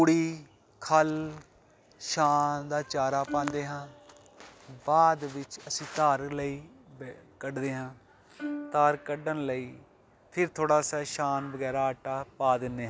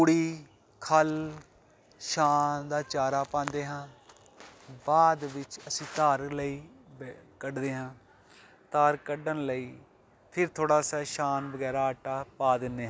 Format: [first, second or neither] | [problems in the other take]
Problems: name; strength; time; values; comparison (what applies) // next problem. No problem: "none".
second | background sound (Plucked string instrument); 13 dB below the speech